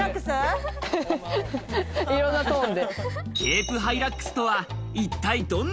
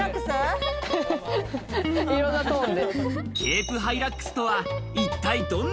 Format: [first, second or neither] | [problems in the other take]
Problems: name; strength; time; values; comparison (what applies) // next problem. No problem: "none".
first | background sound (Guitar); 5 dB below the speech